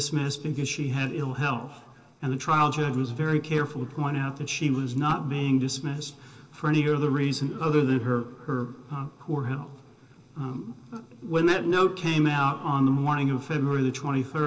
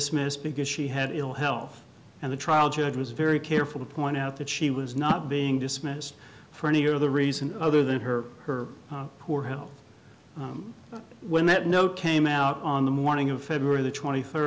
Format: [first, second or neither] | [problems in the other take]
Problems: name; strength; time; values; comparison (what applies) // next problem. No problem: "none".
second | noise reduction (neural separator model SepFormer DNS4)